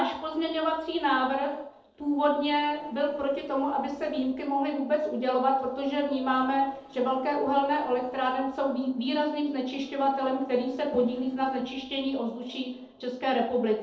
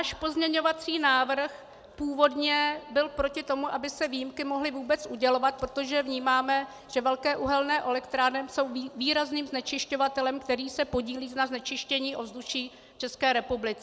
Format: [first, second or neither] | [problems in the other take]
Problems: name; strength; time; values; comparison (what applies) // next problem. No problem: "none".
second | noise reduction (neural separator model SepFormer DNS4)